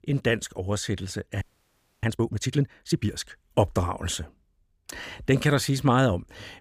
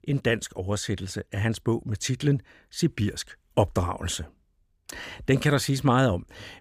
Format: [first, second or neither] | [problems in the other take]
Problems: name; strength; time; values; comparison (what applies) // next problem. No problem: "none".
second | audio freezing; at 1.5 s for 0.5 s